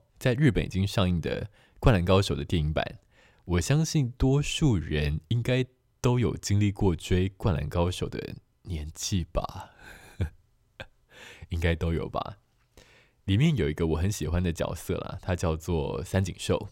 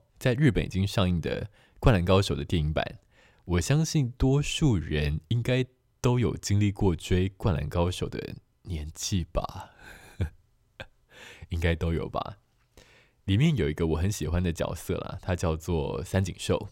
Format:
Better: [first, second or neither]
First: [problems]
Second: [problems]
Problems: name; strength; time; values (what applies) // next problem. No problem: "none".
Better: neither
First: none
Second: none